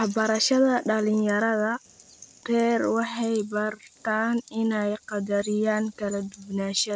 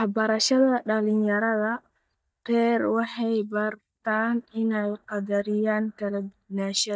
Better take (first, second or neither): first